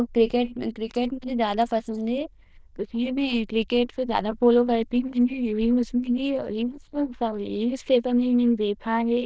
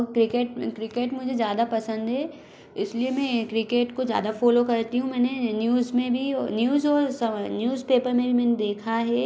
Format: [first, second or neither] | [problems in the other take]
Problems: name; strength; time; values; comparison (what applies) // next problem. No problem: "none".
second | noise reduction (neural diffusion model UNIVERSE++)